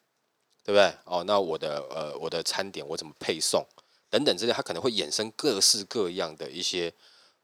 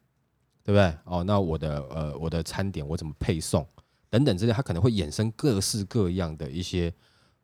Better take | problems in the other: second | thin; very; fading below 450 Hz

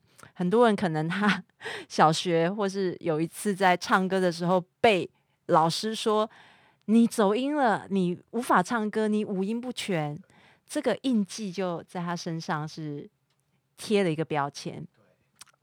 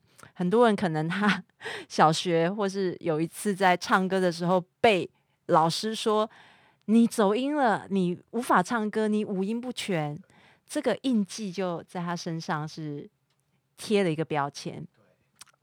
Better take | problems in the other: neither | none

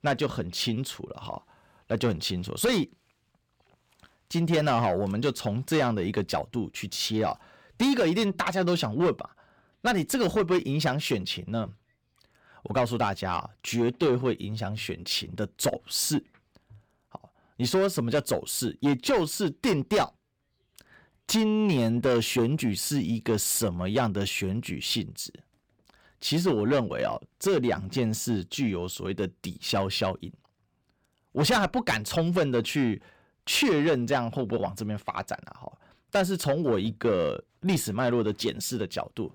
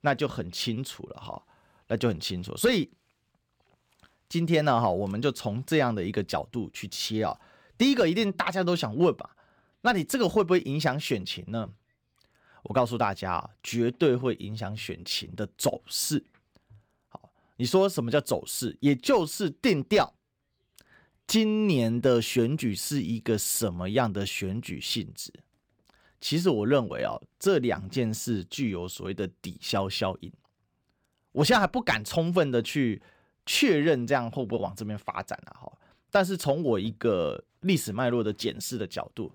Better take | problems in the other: second | distortion; slight; 10 dB below the speech

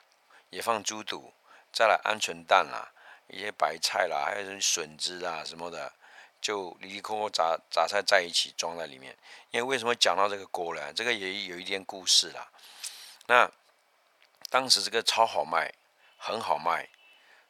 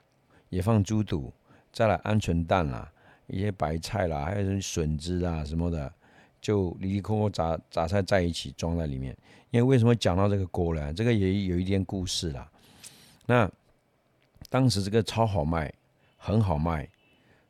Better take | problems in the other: second | thin; very; fading below 950 Hz

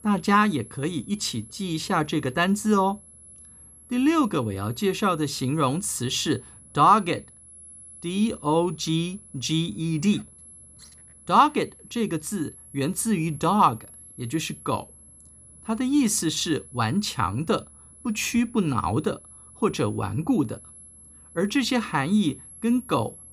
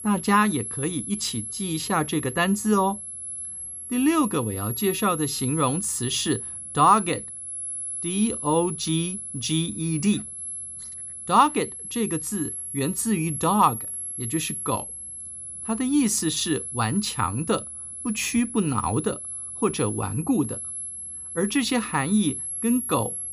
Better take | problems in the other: first | high-pitched whine; loud; throughout; 11 kHz, 7 dB below the speech; faint in the first

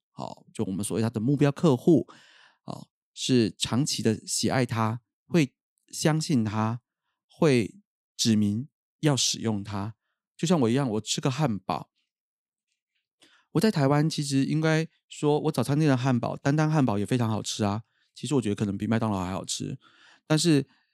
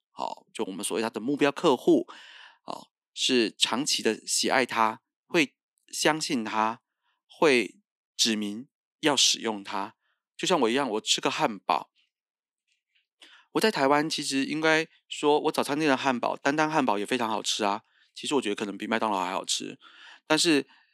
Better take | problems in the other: first | thin; somewhat; fading below 300 Hz

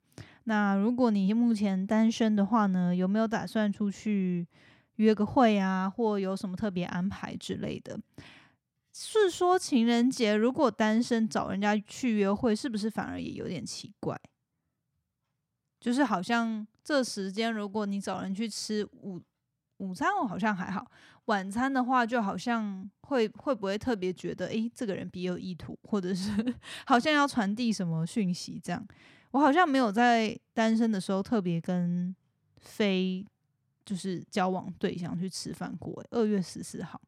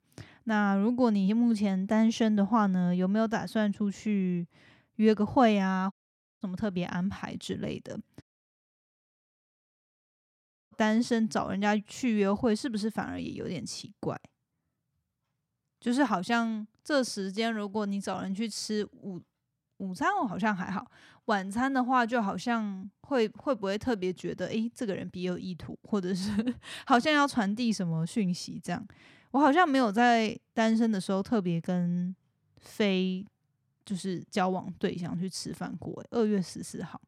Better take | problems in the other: first | audio cutting out; at 6 s and at 8 s for 2.5 s

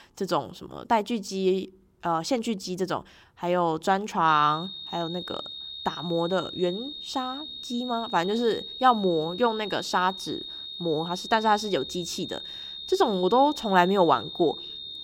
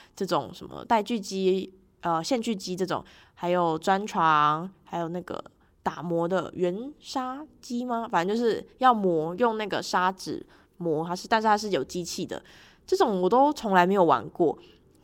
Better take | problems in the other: second | high-pitched whine; loud; from 4.5 s on; 3.5 kHz, 10 dB below the speech

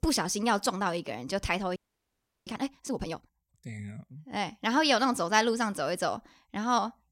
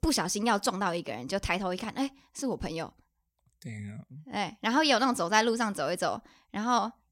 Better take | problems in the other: second | audio freezing; at 2 s for 0.5 s

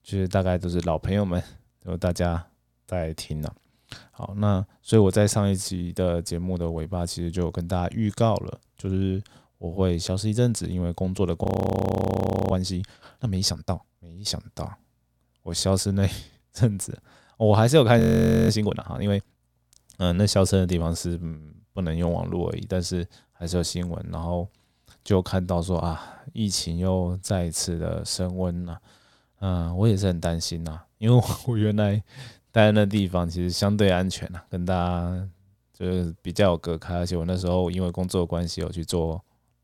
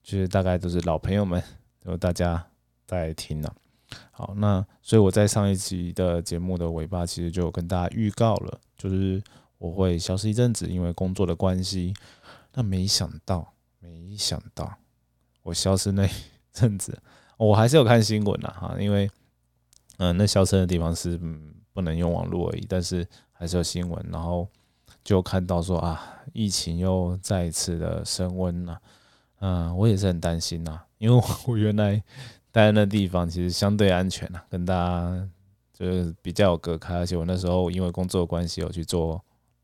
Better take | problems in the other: second | audio freezing; at 11 s for 1 s and at 18 s

